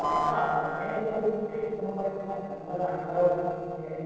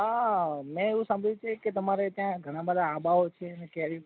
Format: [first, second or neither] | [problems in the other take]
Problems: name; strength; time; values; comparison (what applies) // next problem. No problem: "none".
second | noise reduction (neural separator model SepFormer DNS4)